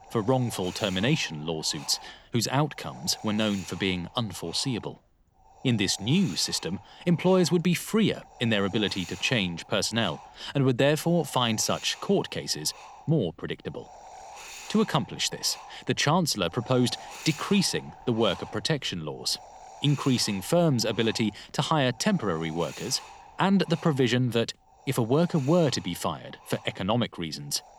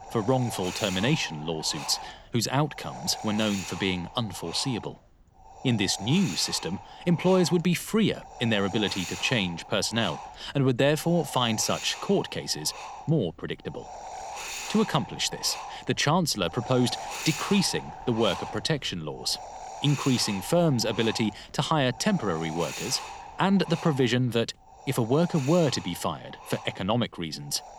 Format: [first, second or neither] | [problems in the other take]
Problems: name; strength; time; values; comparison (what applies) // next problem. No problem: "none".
first | wind noise on the microphone; heavy; 9 dB below the speech; occasional gusts in the first